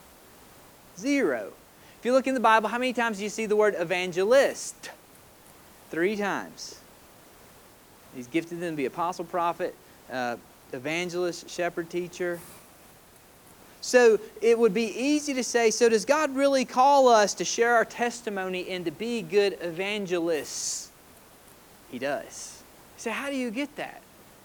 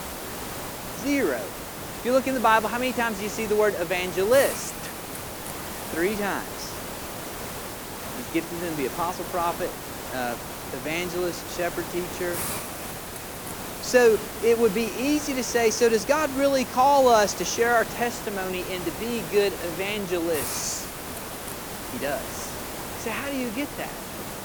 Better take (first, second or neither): first